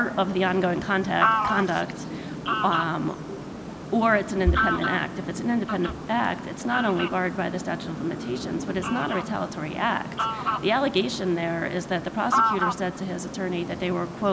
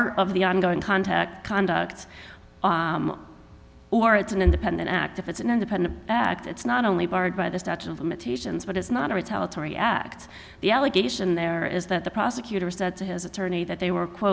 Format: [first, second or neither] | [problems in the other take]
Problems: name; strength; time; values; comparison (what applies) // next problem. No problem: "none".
second | background sound (Fowl); 4 dB below the speech